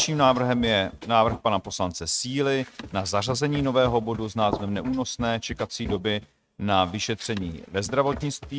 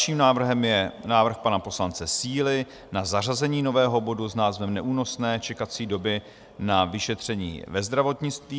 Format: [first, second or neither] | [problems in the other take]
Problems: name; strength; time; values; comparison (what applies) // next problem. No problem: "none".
second | noise reduction (neural mask model RNNoise)